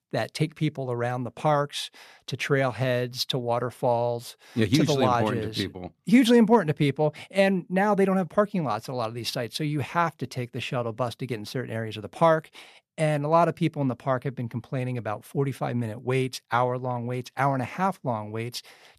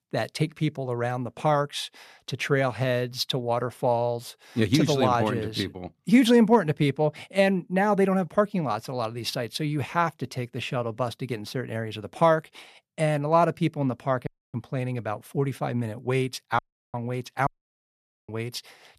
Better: first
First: none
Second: audio cutting out; at 14 s and at 17 s for 1 s

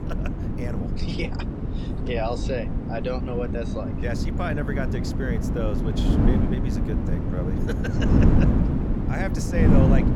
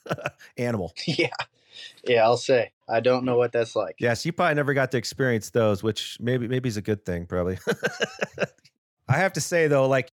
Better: second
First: wind noise on the microphone; heavy; as loud as the speech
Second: none

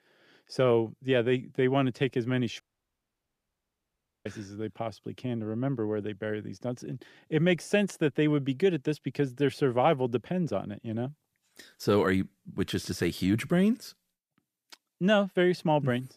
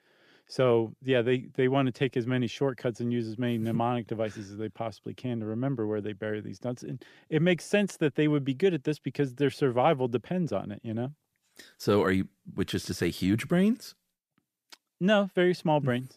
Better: second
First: audio cutting out; at 2.5 s for 1.5 s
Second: none

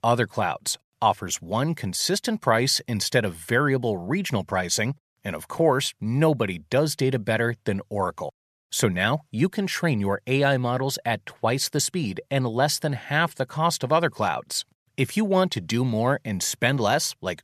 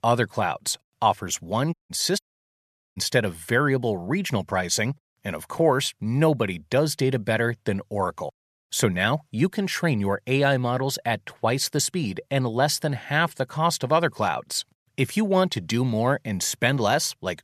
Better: first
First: none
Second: audio cutting out; at 1.5 s and at 2 s for 1 s

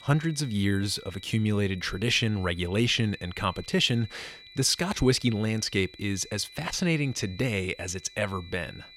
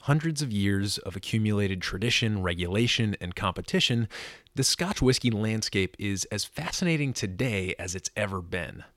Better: second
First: high-pitched whine; noticeable; throughout; 4 kHz, 20 dB below the speech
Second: none

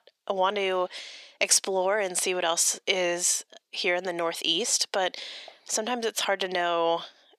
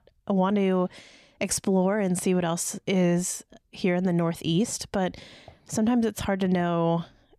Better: second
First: thin; very; fading below 450 Hz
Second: none

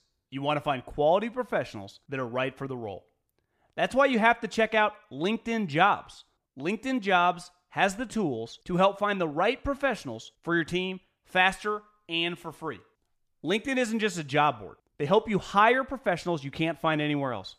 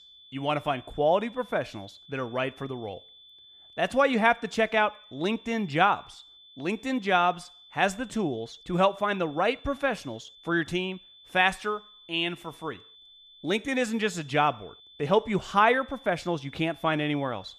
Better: first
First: none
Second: high-pitched whine; faint; throughout; 3.5 kHz, 25 dB below the speech

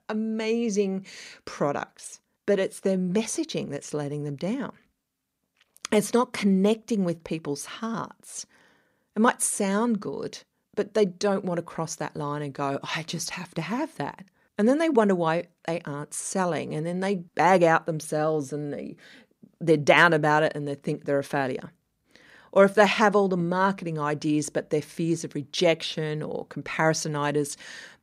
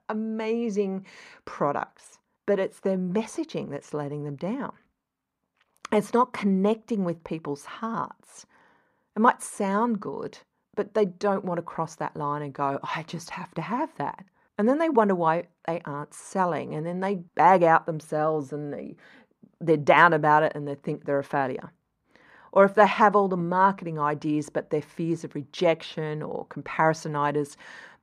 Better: first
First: none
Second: muffled; slightly; fading above 3 kHz

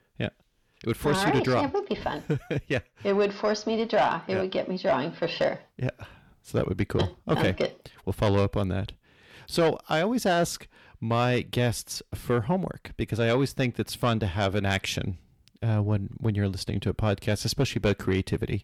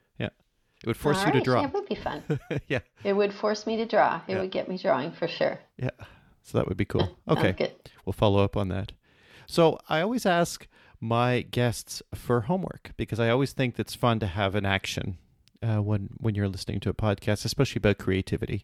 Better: second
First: distortion; slight; 10 dB below the speech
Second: none

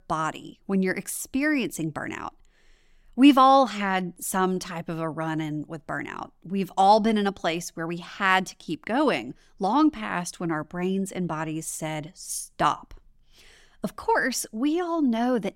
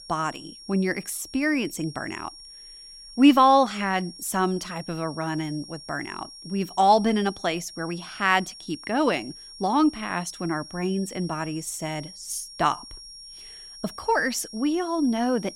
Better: first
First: none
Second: high-pitched whine; noticeable; throughout; 5.5 kHz, 15 dB below the speech

